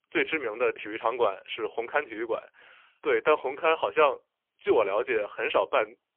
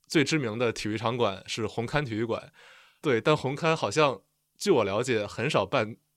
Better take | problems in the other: second | phone-call audio; poor line; nothing above 3 kHz

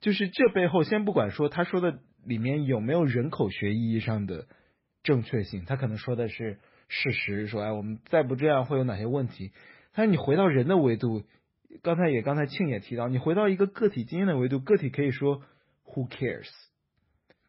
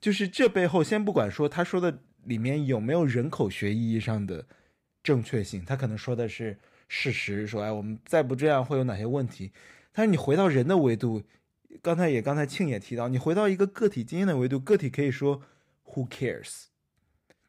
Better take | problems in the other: second | garbled, watery; badly; nothing above 5.5 kHz

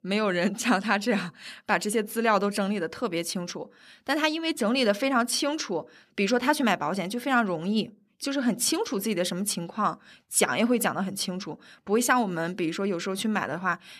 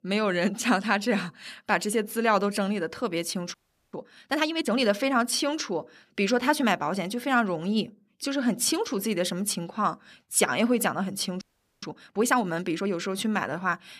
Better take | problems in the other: first | audio freezing; at 3.5 s and at 11 s

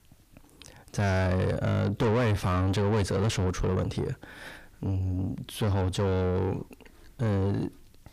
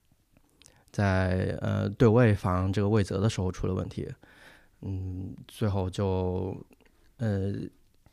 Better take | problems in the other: second | distortion; heavy; 5 dB below the speech

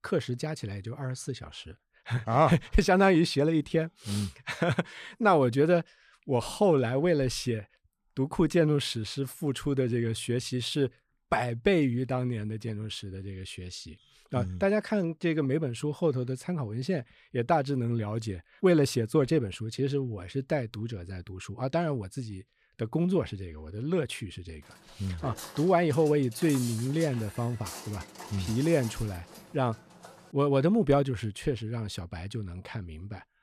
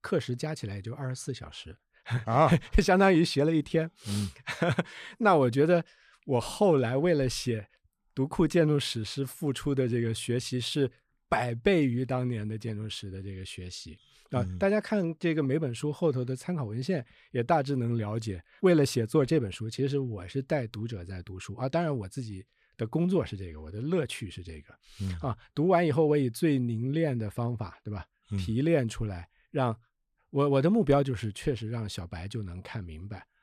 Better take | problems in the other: second | footsteps; noticeable; from 25 to 30 s; peak 9 dB below the speech

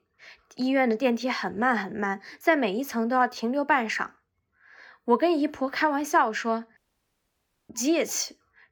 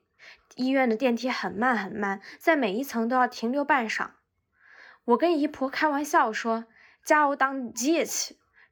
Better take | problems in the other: second | audio cutting out; at 7 s for 1 s

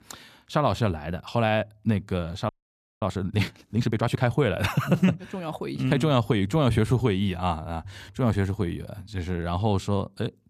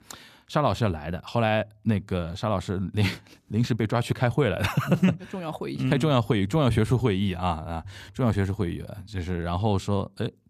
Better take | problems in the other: second | audio freezing; at 2.5 s for 0.5 s

